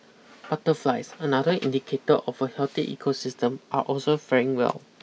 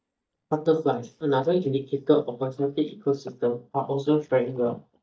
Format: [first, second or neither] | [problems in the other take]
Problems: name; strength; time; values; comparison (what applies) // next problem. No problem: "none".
first | noise reduction (neural mask model DeepFilterNet 3)